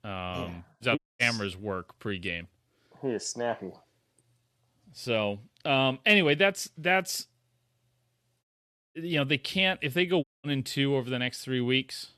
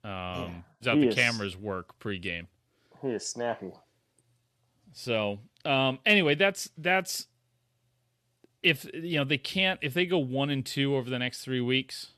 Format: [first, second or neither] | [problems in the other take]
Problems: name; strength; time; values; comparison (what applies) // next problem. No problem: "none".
second | audio cutting out; at 1 s, at 8.5 s for 0.5 s and at 10 s